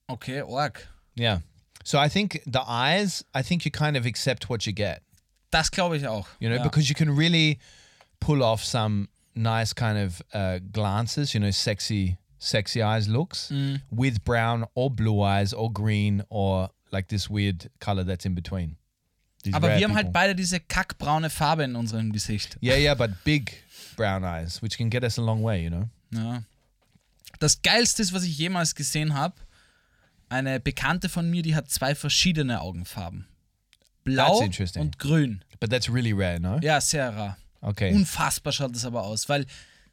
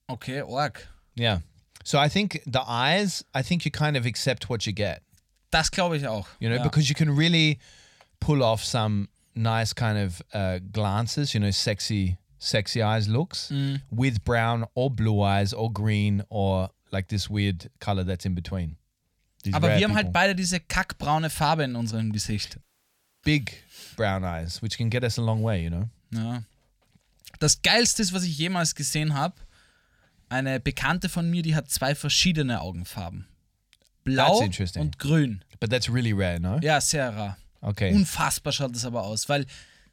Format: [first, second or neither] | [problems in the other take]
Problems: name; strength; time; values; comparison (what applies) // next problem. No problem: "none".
first | audio cutting out; at 23 s for 0.5 s